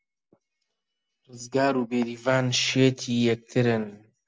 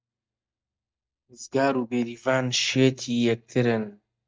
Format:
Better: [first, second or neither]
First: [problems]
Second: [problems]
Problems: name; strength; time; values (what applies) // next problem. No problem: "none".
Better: first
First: none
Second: noise reduction (neural mask model DeepFilterNet 3)